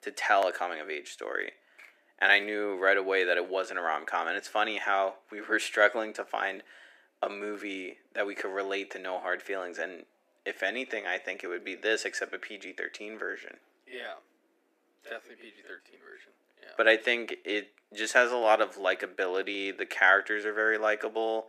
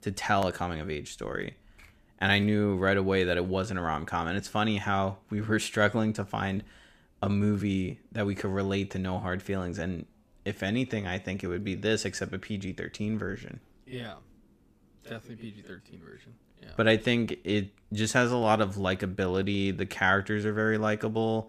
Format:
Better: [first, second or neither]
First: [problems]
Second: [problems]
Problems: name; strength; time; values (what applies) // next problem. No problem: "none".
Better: second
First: thin; very; fading below 300 Hz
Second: none